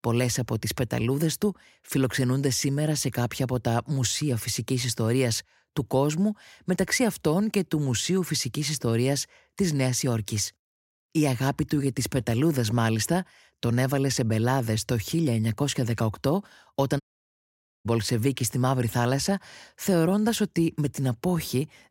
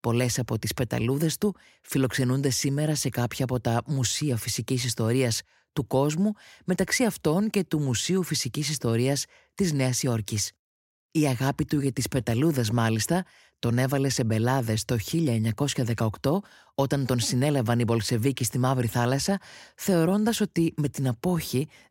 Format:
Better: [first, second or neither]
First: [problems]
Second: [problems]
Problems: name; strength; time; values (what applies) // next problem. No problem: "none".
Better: second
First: audio cutting out; at 17 s for 1 s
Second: none